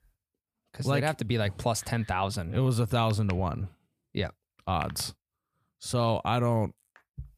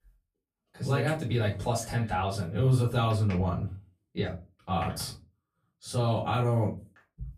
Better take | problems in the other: first | off-mic speech; far // room echo; very slight; dies away in 0.3 s

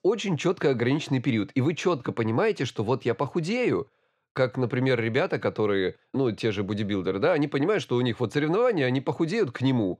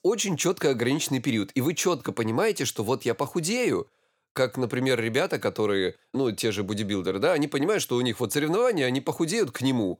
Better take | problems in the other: second | muffled; slightly; fading above 3 kHz

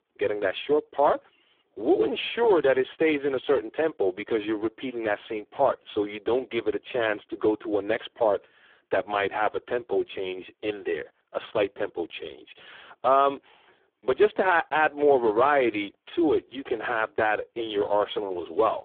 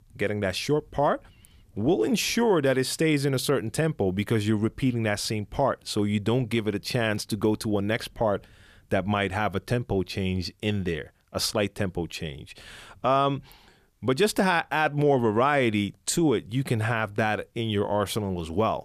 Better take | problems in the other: second | phone-call audio; poor line

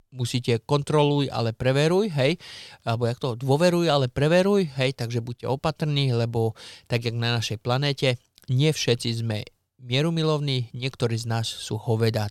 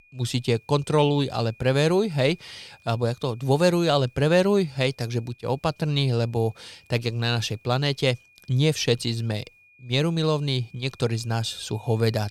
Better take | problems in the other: first | high-pitched whine; faint; throughout; 2.5 kHz, 30 dB below the speech

